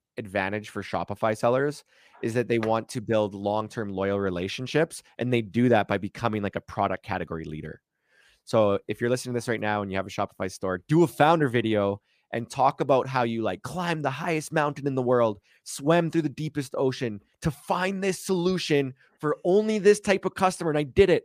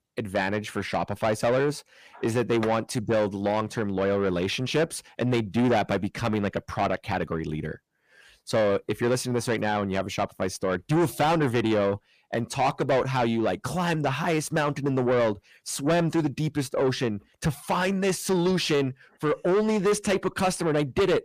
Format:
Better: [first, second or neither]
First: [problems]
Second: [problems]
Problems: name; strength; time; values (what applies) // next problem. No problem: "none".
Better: first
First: none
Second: distortion; heavy; 7 dB below the speech